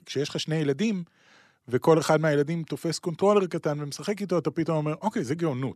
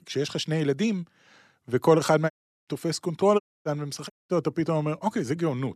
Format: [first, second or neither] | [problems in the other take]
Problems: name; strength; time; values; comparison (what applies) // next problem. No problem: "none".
first | audio cutting out; at 2.5 s, at 3.5 s and at 4 s